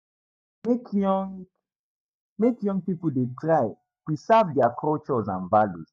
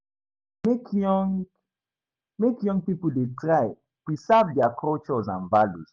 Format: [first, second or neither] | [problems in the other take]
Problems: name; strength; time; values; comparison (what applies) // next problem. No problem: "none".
second | noise reduction (neural mask model DeepFilterNet 3)